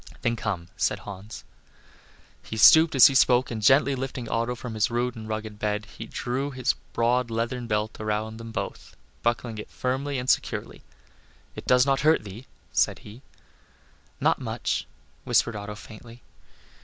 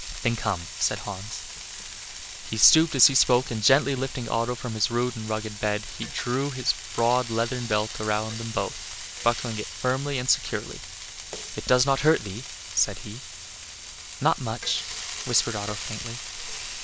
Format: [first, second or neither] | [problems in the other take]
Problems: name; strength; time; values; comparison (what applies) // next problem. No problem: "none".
first | background sound (Frying (food)); 10 dB below the speech